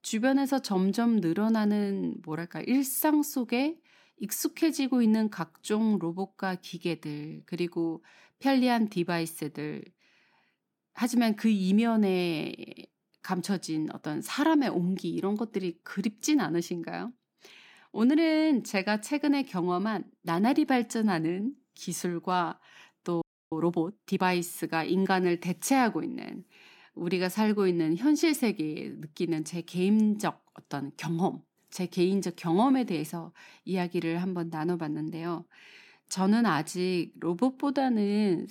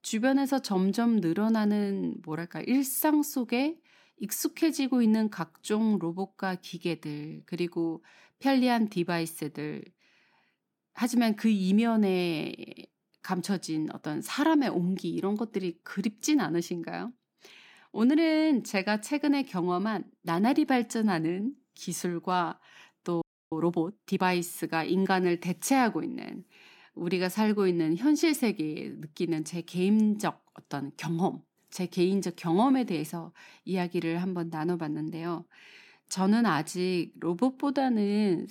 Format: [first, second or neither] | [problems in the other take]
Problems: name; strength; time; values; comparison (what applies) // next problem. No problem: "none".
neither | audio freezing; at 23 s; the same in both